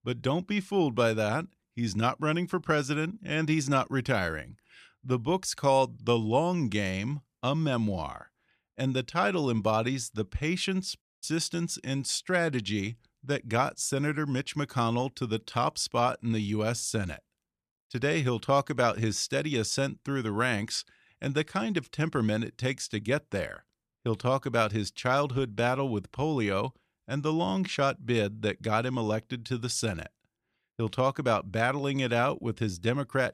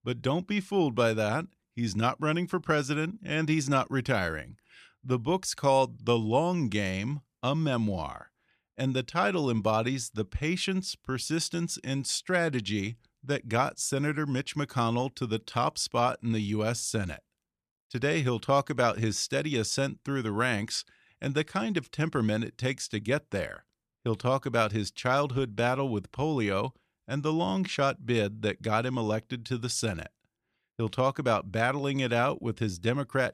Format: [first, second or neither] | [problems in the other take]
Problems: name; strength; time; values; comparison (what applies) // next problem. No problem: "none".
second | audio cutting out; at 11 s